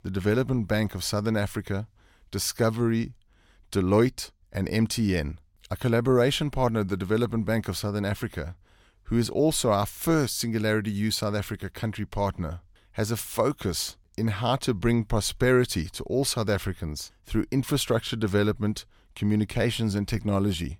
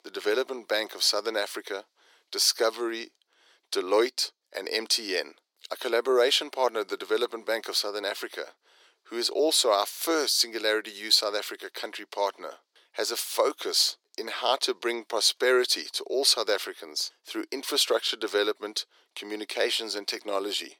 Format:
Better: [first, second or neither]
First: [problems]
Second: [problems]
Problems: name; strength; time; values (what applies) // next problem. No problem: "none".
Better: first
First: none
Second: thin; very; fading below 350 Hz